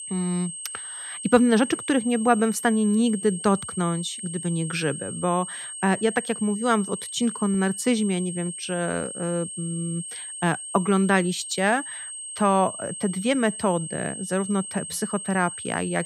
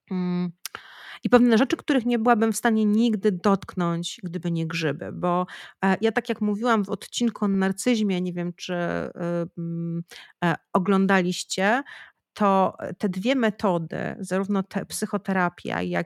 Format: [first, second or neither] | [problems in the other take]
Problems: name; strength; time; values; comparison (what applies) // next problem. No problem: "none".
second | high-pitched whine; loud; throughout; 8.5 kHz, 8 dB below the speech